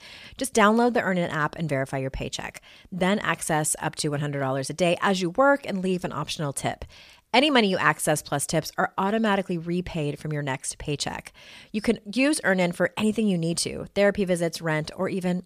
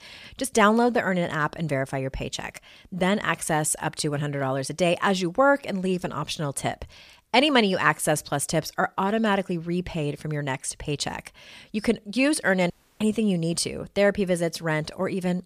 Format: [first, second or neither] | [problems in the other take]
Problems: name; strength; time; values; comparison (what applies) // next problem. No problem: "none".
first | audio cutting out; at 13 s